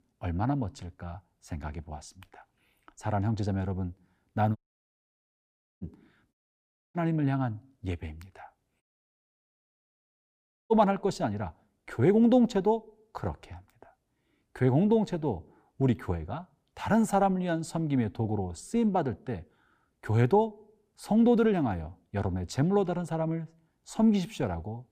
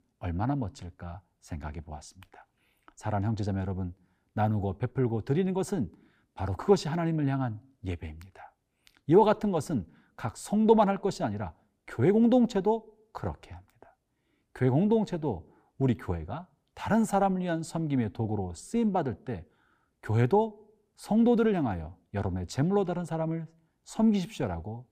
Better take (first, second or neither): second